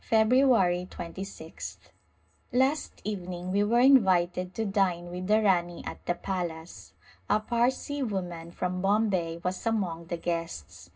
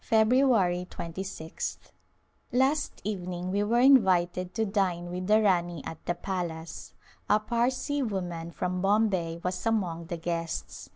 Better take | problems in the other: second | room echo; dies away in 0.2 s

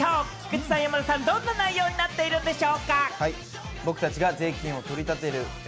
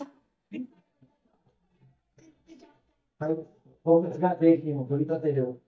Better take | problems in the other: first | noise reduction (neural mask model DeepFilterNet 3)

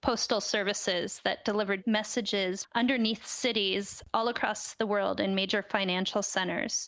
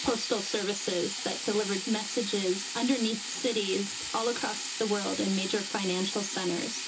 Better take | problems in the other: first | background sound (Sink (filling or washing)); 5 dB below the speech // room echo; dies away in 0.2 s

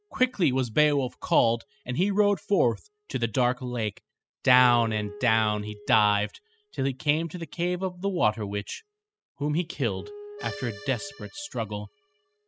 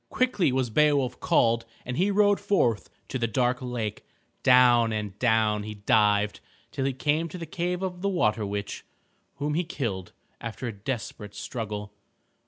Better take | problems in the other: second | noise reduction (classical method spectral subtraction)

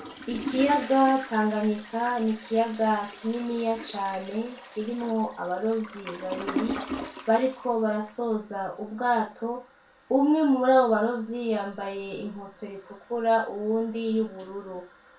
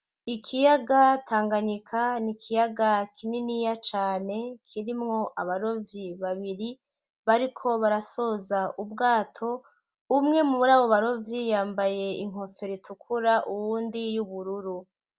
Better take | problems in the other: second | background sound (Toilet flush); 14 dB below the speech // room echo; dies away in 0.3 s

